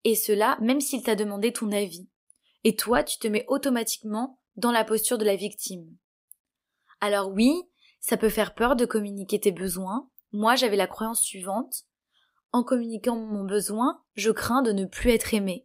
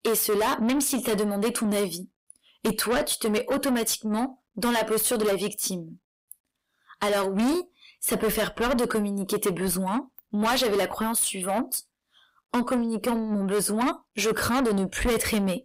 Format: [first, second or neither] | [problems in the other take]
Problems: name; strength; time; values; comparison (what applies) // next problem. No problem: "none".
first | distortion; heavy; 6 dB below the speech